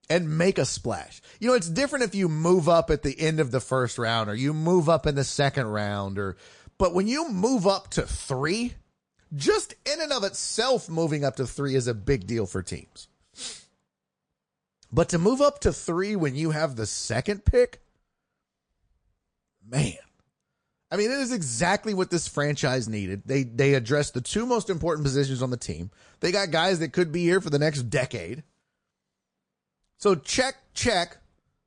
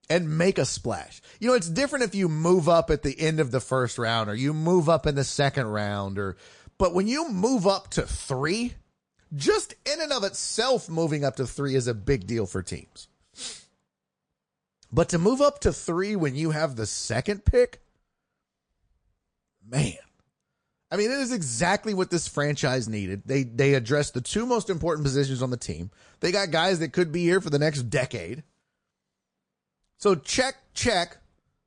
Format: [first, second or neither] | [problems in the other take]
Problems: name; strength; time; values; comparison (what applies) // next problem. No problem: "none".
neither | garbled, watery; slightly; nothing above 9 kHz; the same in both